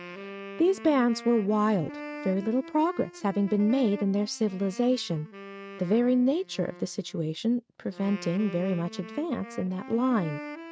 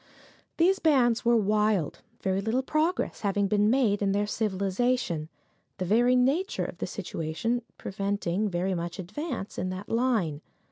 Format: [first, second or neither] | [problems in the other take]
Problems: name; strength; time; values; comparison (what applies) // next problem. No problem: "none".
second | noise reduction (neural mask model RNNoise)